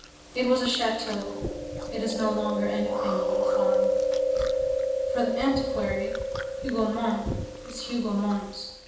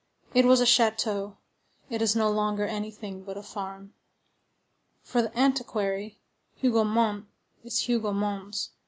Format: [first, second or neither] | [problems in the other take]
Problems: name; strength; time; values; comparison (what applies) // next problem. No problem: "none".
second | background sound (Chewing, mastication); 1 dB above the speech // room echo; dies away in 0.9 s